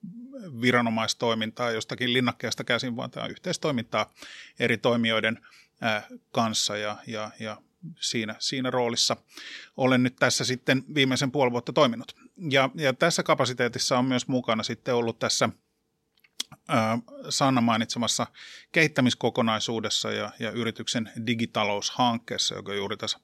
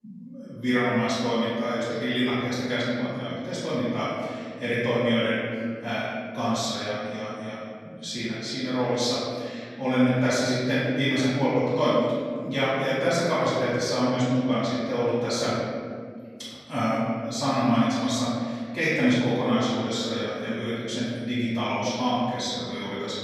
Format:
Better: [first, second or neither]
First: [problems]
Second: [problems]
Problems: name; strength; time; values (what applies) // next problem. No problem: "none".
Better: first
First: none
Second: off-mic speech; far // room echo; strong; dies away in 2.2 s